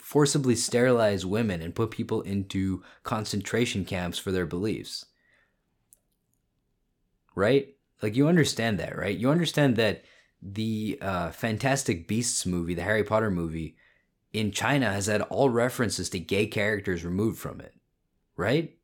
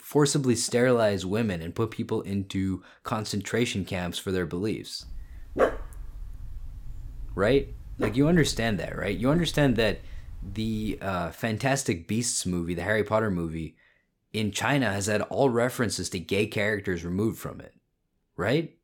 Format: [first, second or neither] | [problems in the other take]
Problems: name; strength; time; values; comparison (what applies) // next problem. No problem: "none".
first | dog barking; loud; from 5 to 11 s; peak 1 dB above the speech